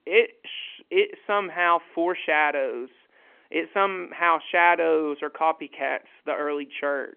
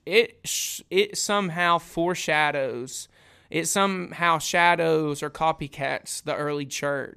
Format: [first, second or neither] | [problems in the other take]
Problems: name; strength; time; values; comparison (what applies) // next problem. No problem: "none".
second | phone-call audio; nothing above 3 kHz